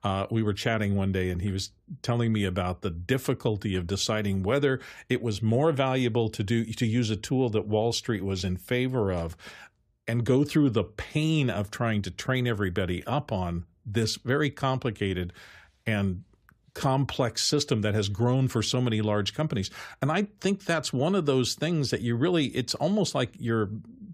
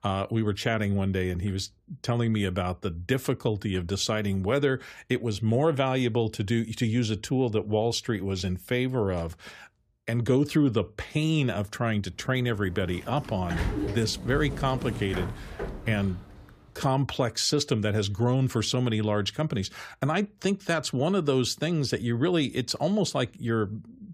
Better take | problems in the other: first | door banging; noticeable; from 13 to 16 s; peak 3 dB below the speech

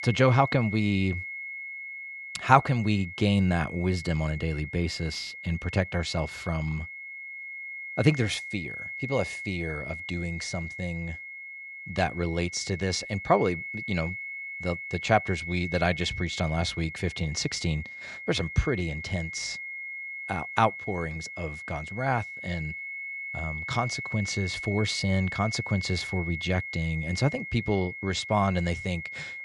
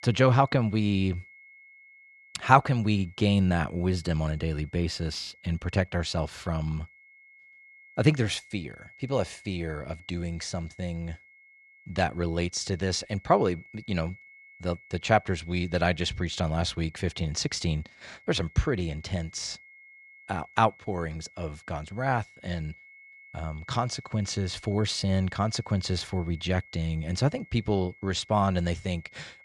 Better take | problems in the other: second | high-pitched whine; loud; throughout; 2 kHz, 7 dB below the speech; faint in the second

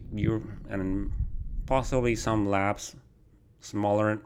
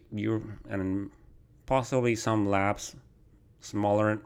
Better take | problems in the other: second | low rumble; faint; until 2.5 s; 20 dB below the speech

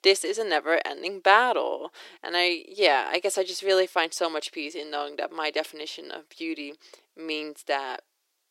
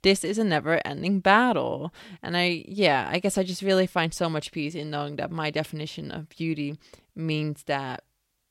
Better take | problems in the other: second | thin; very; fading below 350 Hz

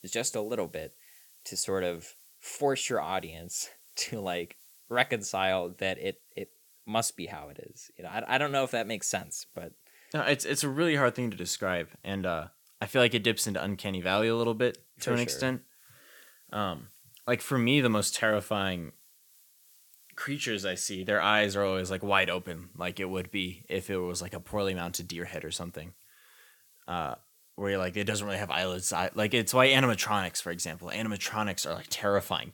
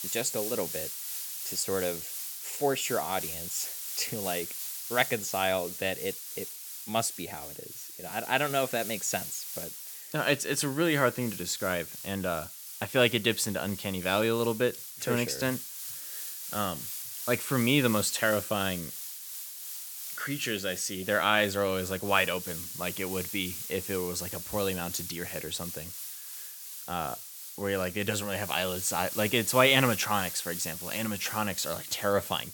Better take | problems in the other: first | hiss; loud; throughout; 7 dB below the speech; faint in the first

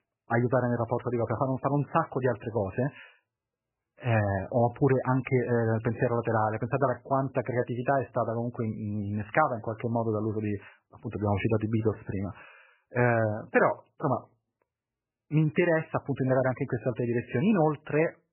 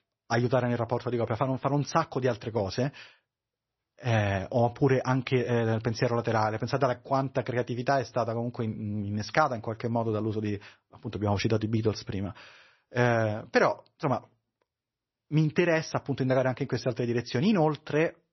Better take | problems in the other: second | garbled, watery; badly; nothing above 3 kHz; slightly in the second

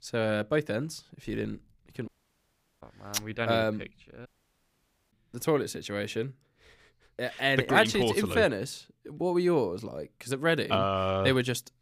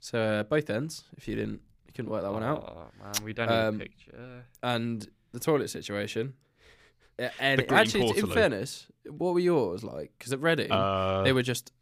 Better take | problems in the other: second | audio cutting out; at 2 s for 0.5 s and at 4.5 s for 1 s

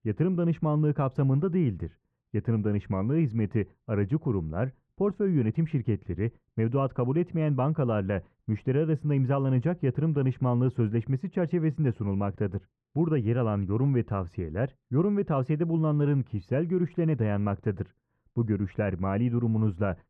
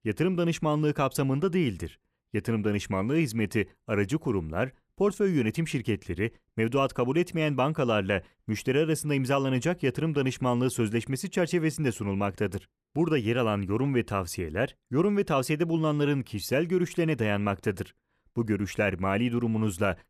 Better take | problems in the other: second | muffled; very; fading above 1.5 kHz

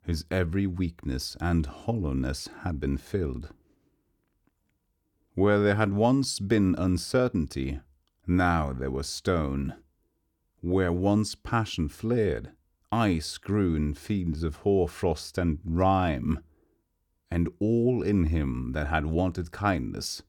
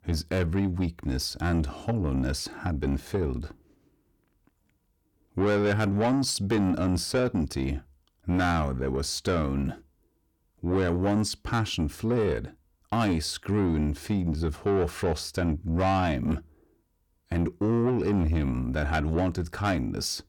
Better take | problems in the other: first | distortion; slight; 10 dB below the speech

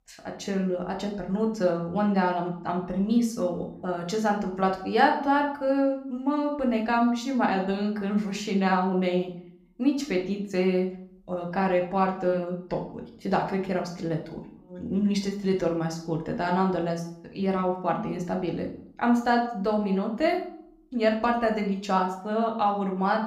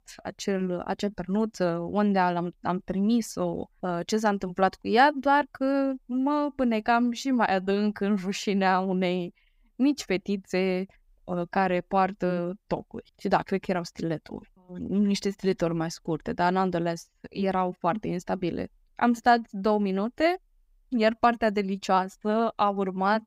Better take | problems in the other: second | room echo; slight; dies away in 0.5 s // off-mic speech; somewhat distant

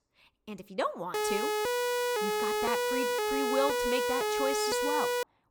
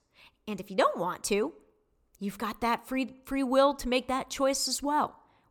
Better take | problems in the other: second | siren; loud; from 1 s on; peak 6 dB above the speech

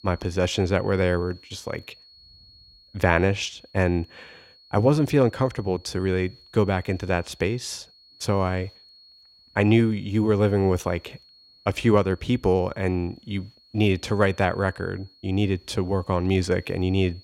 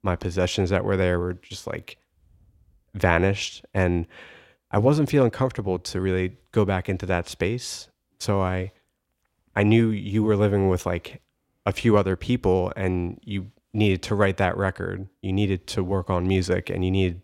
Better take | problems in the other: second | high-pitched whine; faint; throughout; 4.5 kHz, 25 dB below the speech

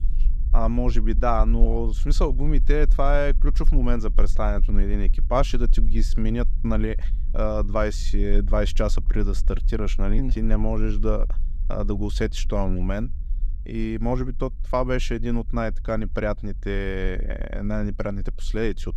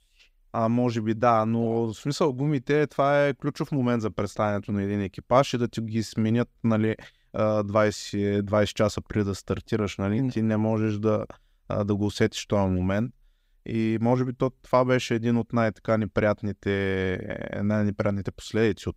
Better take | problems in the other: second | low rumble; faint; throughout; 25 dB below the speech

